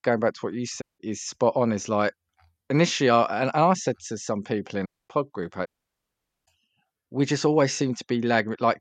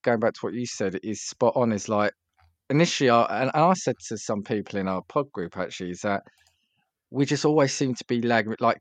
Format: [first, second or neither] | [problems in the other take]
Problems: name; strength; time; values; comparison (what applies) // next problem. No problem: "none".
second | audio cutting out; at 1 s, at 5 s and at 5.5 s for 1 s